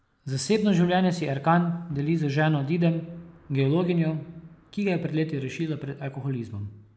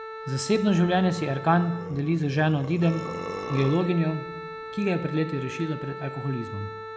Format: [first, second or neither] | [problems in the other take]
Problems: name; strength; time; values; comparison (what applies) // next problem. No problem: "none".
first | background sound (Wind instrument, woodwind instrument + Burping, eructation); 11 dB below the speech